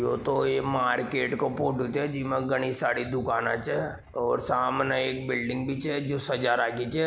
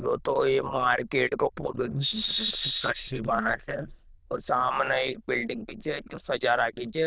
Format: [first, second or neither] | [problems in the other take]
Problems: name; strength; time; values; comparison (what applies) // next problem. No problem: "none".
first | noise reduction (neural diffusion model UNIVERSE++)